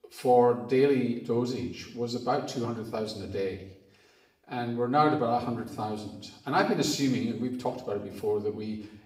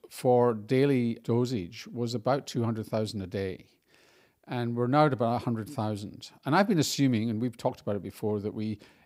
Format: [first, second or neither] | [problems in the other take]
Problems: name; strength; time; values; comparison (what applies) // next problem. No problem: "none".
second | room echo; noticeable; dies away in 0.7 s // off-mic speech; far